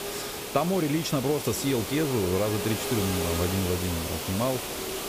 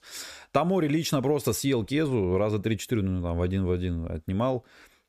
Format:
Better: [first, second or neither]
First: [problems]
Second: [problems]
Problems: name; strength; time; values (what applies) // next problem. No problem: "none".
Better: second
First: hiss; loud; throughout; 4 dB below the speech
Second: none